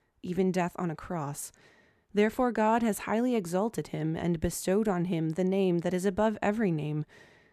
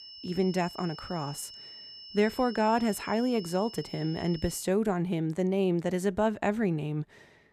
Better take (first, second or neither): first